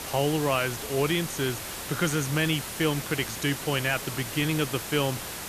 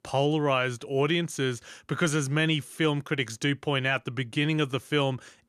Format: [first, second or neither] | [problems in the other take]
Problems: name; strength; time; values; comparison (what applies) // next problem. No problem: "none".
second | hiss; loud; throughout; 7 dB below the speech